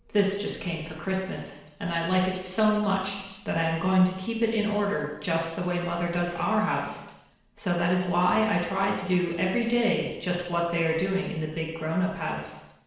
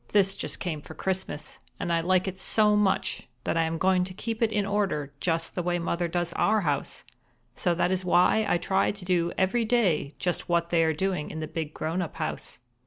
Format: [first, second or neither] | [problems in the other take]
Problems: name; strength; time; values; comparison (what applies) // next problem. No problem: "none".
second | room echo; dies away in 1 s